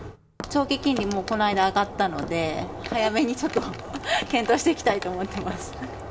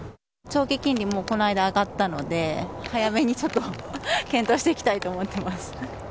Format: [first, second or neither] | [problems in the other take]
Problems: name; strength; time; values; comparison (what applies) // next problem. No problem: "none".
second | background sound (Walk, footsteps); 16 dB below the speech // room echo; dies away in 2.8 s